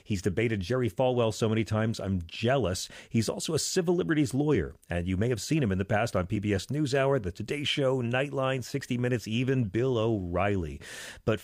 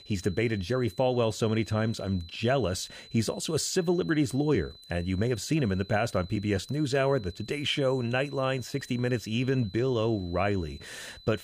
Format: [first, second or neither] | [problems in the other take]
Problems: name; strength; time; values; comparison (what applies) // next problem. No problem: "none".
first | high-pitched whine; faint; throughout; 4 kHz, 20 dB below the speech